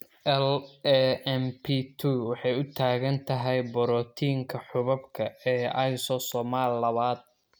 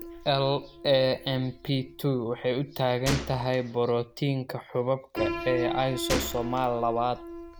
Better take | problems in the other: first | background sound (Gunshot, gunfire + Piano); 9 dB below the speech

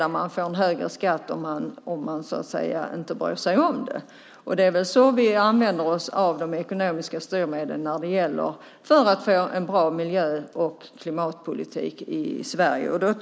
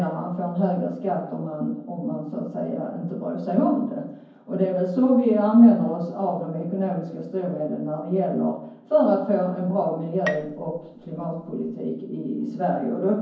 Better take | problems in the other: first | background sound (Bowed string instrument); 15 dB below the speech // room echo; dies away in 0.9 s

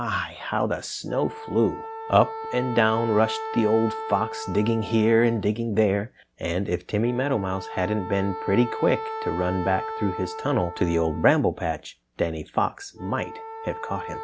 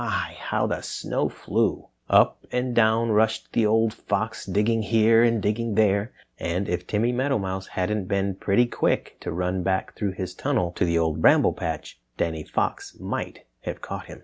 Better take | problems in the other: second | background sound (Wind instrument, woodwind instrument); 10 dB below the speech

